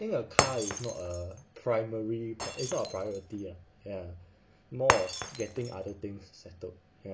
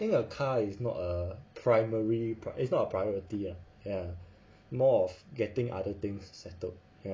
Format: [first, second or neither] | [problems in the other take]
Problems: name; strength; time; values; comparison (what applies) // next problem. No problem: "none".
second | background sound (Shatter); 1 dB below the speech